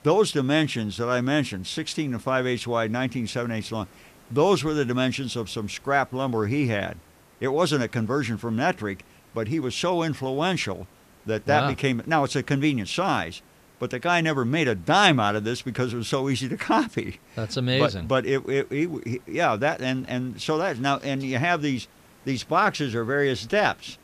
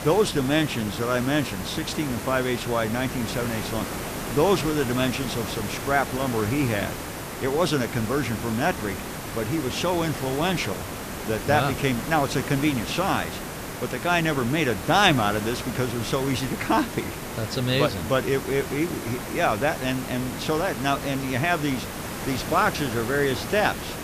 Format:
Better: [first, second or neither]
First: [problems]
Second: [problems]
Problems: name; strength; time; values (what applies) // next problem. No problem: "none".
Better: first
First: hiss; faint; throughout; 30 dB below the speech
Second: hiss; loud; throughout; 7 dB below the speech